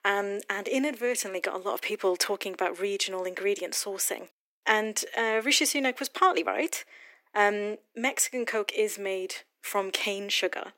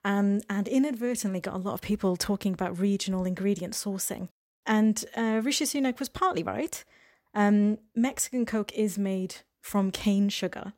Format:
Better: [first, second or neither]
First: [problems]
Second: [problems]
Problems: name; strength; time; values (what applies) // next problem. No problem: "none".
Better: second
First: thin; very; fading below 300 Hz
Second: none